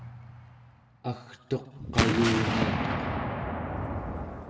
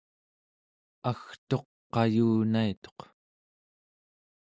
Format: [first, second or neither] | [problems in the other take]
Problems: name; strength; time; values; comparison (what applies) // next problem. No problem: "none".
second | background sound (Explosion); 2 dB above the speech // room echo; dies away in 1.2 s